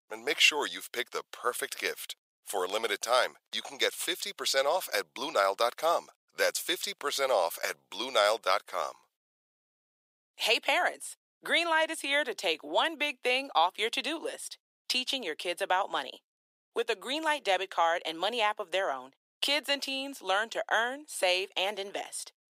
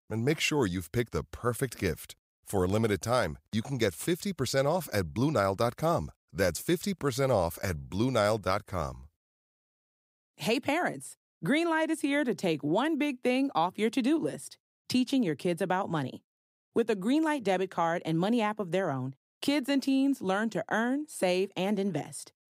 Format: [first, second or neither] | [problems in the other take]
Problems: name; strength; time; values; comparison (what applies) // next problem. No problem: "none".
second | thin; very; fading below 550 Hz